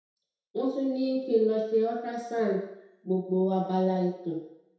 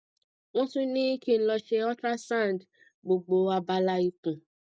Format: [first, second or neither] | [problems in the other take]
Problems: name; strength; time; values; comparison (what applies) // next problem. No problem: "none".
second | room echo; dies away in 0.7 s